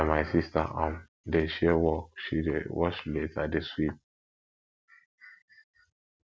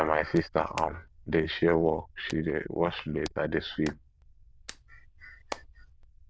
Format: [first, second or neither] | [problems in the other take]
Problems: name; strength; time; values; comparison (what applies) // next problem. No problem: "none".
first | noise reduction (neural diffusion model UNIVERSE++)